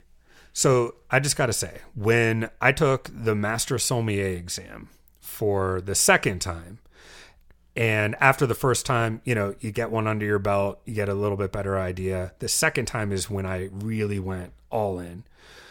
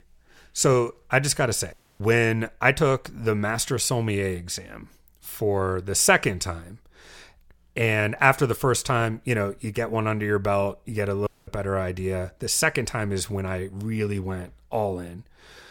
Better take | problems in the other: first | audio cutting out; at 1.5 s and at 11 s

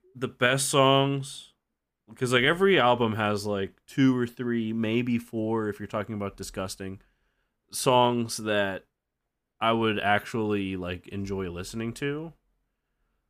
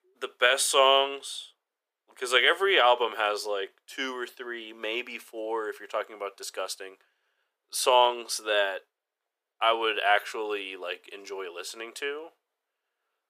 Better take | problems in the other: first | thin; very; fading below 450 Hz

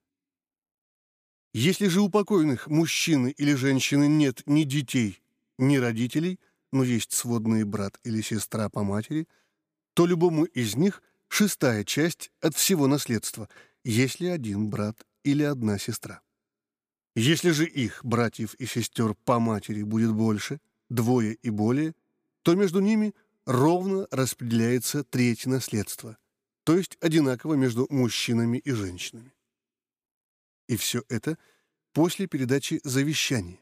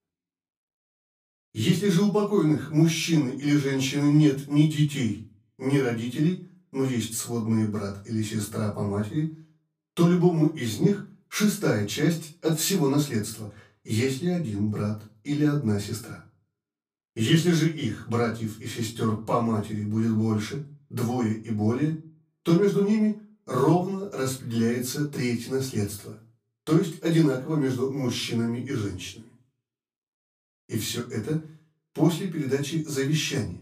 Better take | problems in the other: first | off-mic speech; far // room echo; slight; dies away in 0.3 s

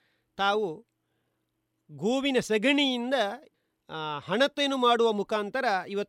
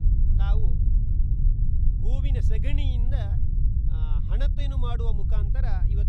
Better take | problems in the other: first | low rumble; loud; throughout; 2 dB below the speech

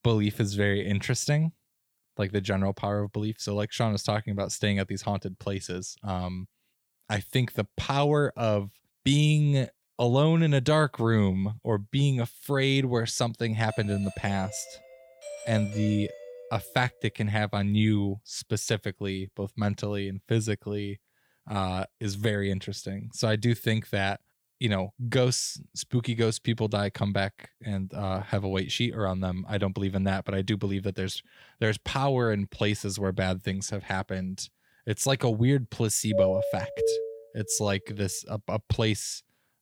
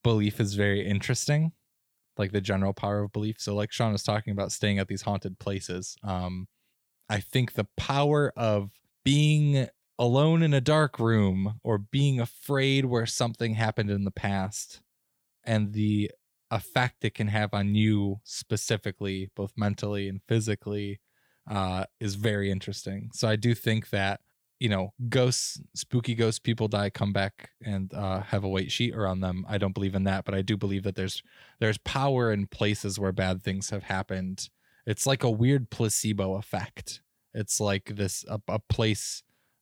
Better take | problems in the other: second | doorbell; noticeable; from 14 to 17 s; peak 9 dB below the speech // doorbell; loud; from 36 to 37 s; peak 3 dB above the speech

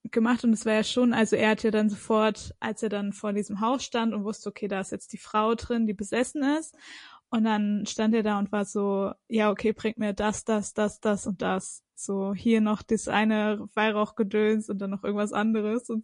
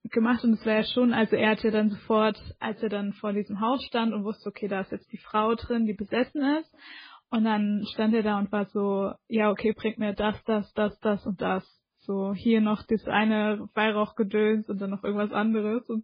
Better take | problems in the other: first | garbled, watery; badly; nothing above 4.5 kHz; slightly in the first

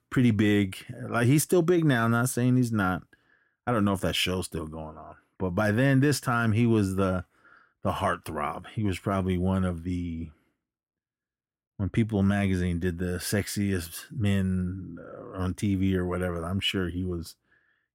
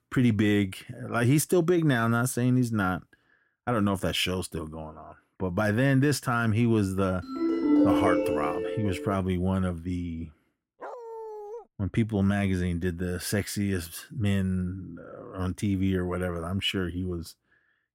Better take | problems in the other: first | phone ringing; loud; from 7.5 to 9 s; peak 5 dB above the speech // dog barking; faint; at 11 s; peak 10 dB below the speech

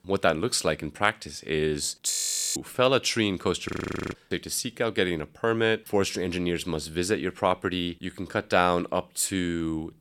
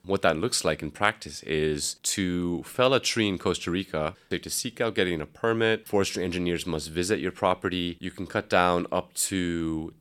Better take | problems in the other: second | audio freezing; at 2 s and at 3.5 s

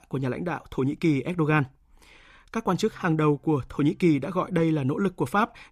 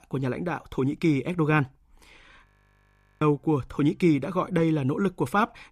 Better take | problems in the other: first | audio freezing; at 2.5 s for 1 s

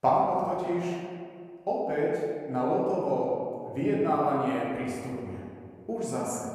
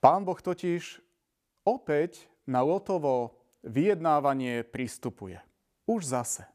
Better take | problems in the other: second | room echo; noticeable; dies away in 1.9 s // off-mic speech; far

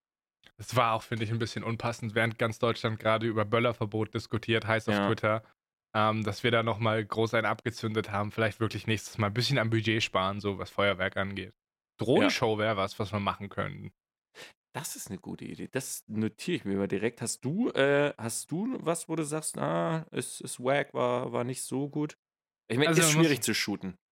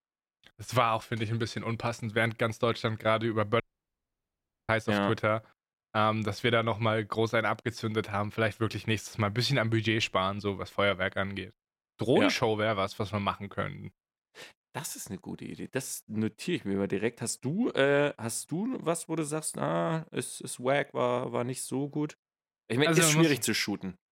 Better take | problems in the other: first | audio cutting out; at 3.5 s for 1 s

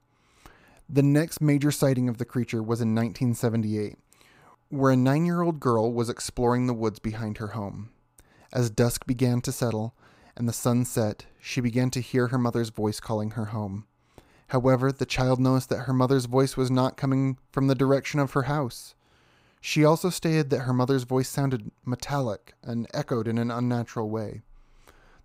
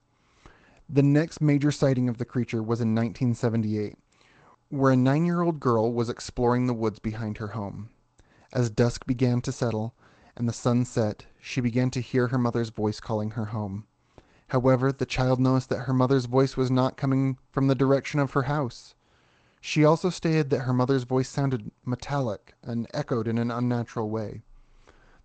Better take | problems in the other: first | garbled, watery; slightly; nothing above 8 kHz

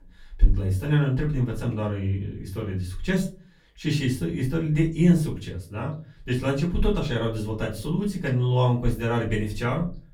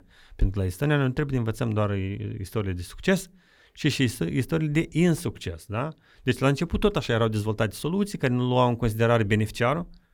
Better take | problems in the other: second | off-mic speech; far // room echo; slight; dies away in 0.3 s

